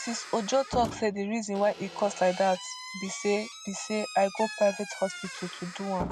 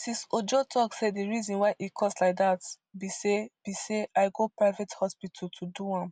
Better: second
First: background sound (Squeak / Slam); 12 dB below the speech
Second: none

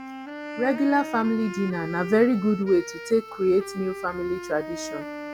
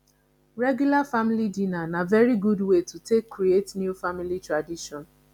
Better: second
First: background sound (Wind instrument, woodwind instrument); 11 dB below the speech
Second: none

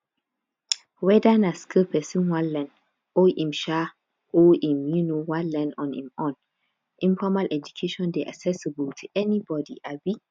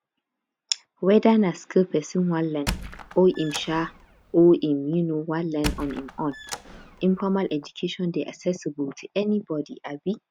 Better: first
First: none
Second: background sound (Squeak); 12 dB below the speech

